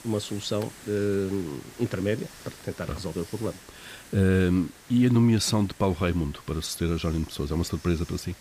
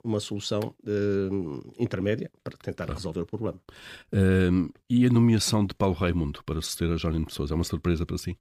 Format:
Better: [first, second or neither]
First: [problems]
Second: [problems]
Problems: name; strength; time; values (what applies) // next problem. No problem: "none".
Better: second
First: hiss; noticeable; throughout; 20 dB below the speech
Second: none